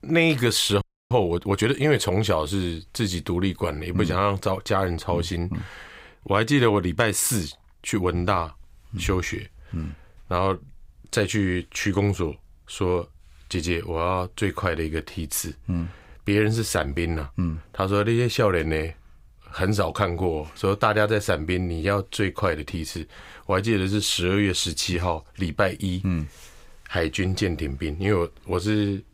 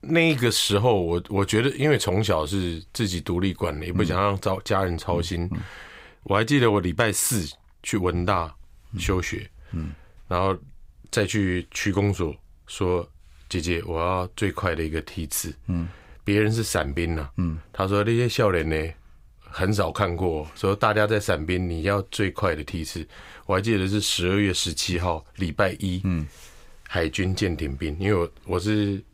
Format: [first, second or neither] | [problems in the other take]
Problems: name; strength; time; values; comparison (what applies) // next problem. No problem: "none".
second | audio freezing; at 1 s